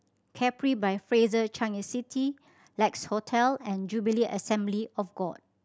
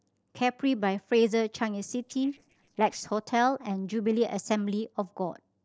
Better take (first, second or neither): first